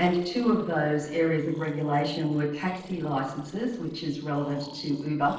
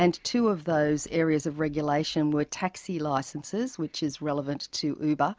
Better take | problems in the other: second | noise reduction (neural separator model SepFormer DNS4)

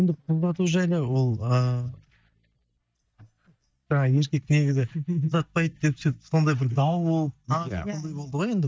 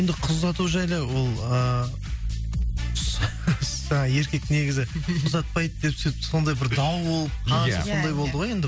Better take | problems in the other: second | noise reduction (neural mask model DeepFilterNet 3)

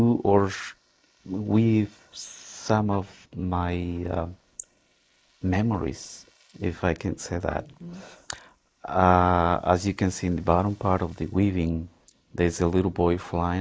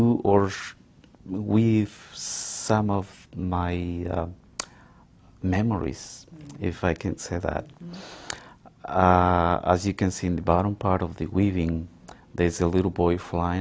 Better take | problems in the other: second | noise reduction (neural mask model Resemble Enhance denoiser)

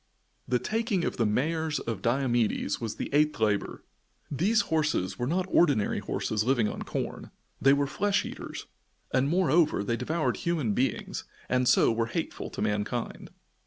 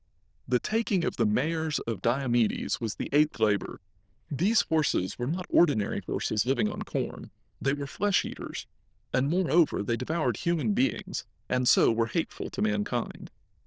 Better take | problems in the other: first | noise reduction (neural diffusion model UNIVERSE++)

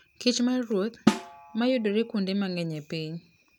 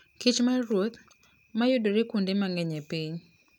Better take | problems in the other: second | background sound (Snare drum); 3 dB below the speech

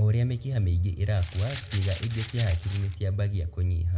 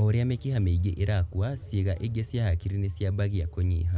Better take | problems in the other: second | background sound (Rattle (instrument)); 17 dB below the speech // room echo; dies away in 0.3 s

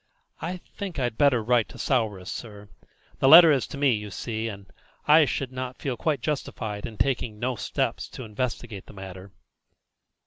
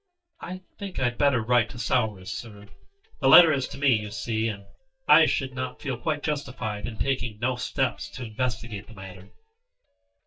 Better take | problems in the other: first | noise reduction (neural mask model DeepFilterNet 3)

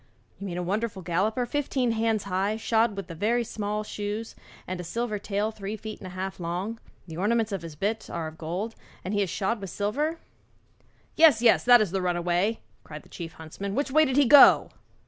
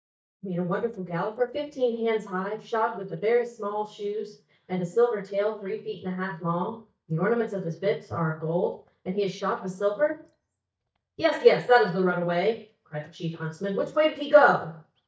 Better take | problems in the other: first | noise reduction (neural mask model DeepFilterNet 3)

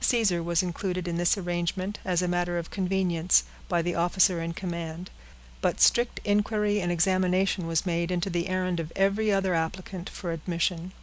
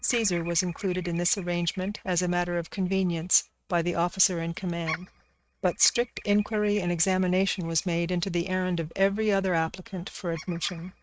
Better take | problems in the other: first | noise reduction (neural mask model RNNoise)

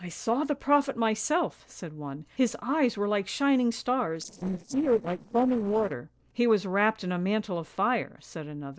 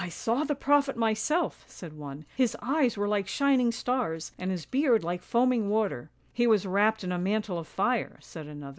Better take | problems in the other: second | noise reduction (neural separator model SepFormer DNS4)

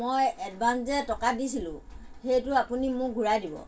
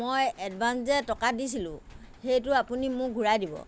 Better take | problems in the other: second | room echo; dies away in 0.2 s

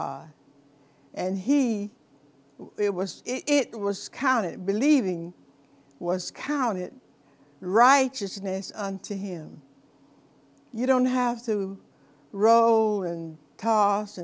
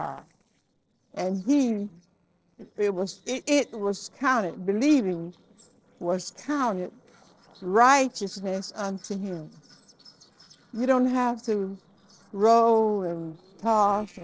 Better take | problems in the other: first | noise reduction (neural separator model SepFormer DNS4)

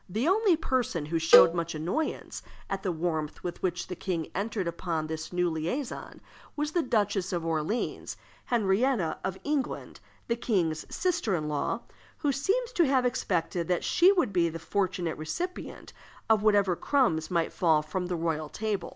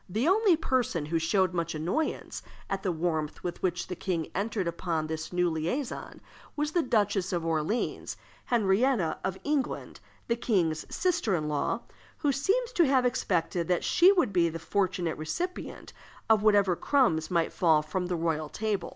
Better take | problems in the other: second | background sound (Cowbell); 1 dB above the speech

